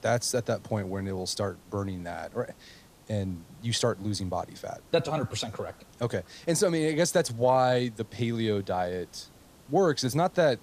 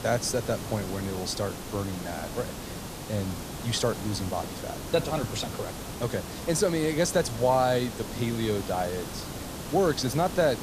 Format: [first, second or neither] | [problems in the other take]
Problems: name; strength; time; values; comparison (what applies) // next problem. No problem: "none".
first | hiss; loud; throughout; 8 dB below the speech; faint in the first